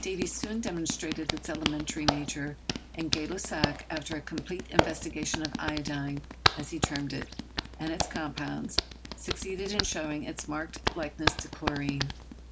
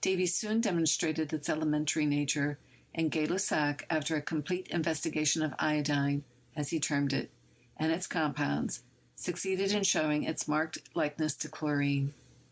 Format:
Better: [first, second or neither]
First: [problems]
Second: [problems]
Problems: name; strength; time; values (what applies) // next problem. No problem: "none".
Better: second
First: background sound (Hands); 1 dB above the speech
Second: none